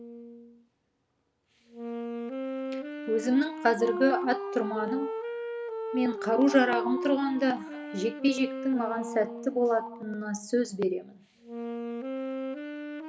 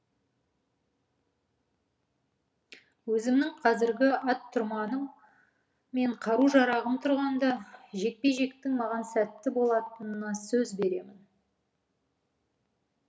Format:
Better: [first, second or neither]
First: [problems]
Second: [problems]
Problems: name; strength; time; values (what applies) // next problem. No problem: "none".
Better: second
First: background sound (Wind instrument, woodwind instrument); 7 dB below the speech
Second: none